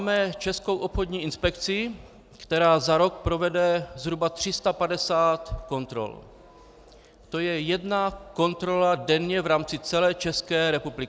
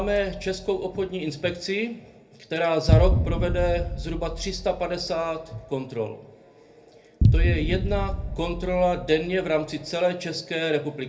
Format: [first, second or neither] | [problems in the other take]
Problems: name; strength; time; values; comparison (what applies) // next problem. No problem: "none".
first | background sound (Boom); 1 dB below the speech // room echo; dies away in 0.3 s